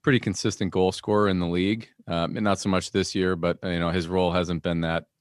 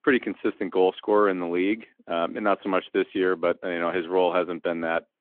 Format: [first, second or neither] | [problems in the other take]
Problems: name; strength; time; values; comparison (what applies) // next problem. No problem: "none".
first | phone-call audio